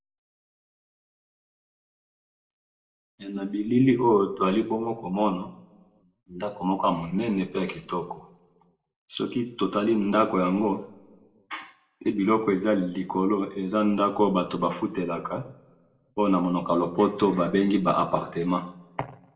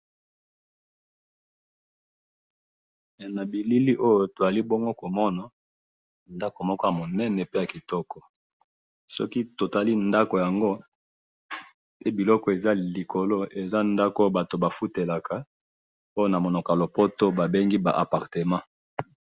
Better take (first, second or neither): second